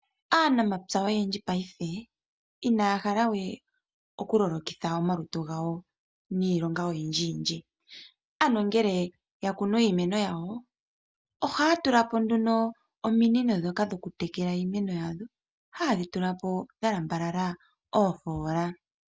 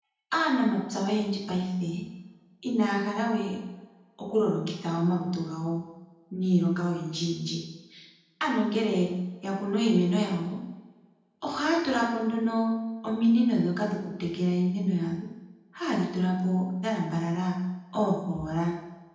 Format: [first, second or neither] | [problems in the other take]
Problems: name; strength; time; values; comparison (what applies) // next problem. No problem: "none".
first | room echo; dies away in 0.9 s